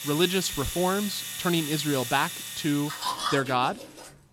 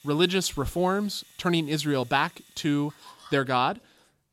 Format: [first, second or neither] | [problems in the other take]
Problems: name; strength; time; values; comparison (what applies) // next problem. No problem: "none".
second | household noises; loud; throughout; 5 dB below the speech; faint in the second